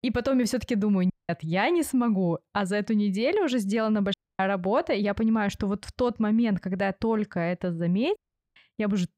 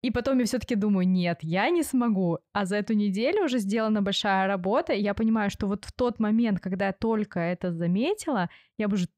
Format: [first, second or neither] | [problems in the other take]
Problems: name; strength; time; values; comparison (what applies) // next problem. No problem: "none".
second | audio cutting out; at 1 s, at 4 s and at 8 s